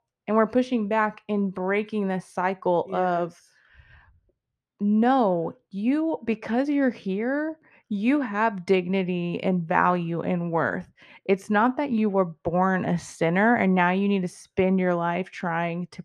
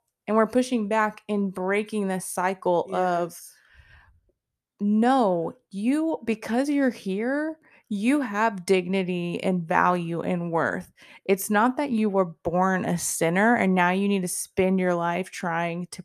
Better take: second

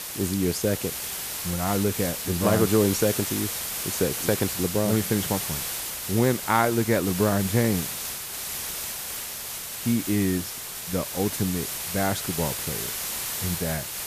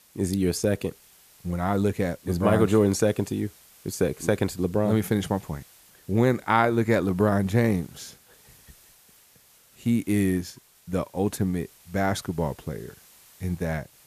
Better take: second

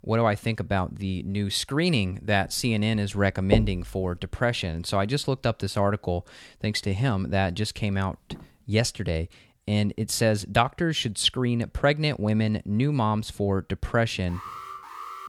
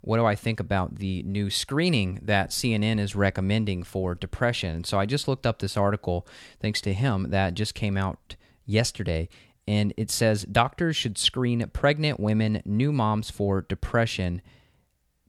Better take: second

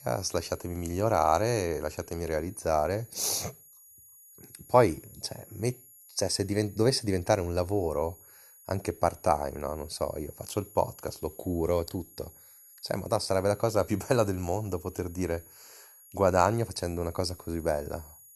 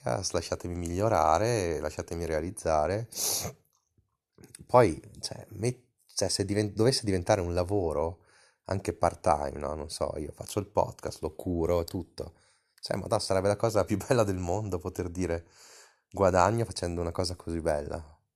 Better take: second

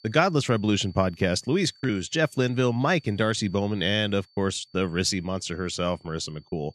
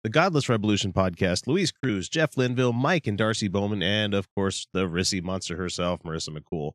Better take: second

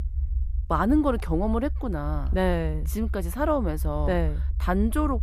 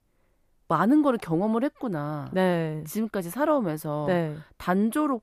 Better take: second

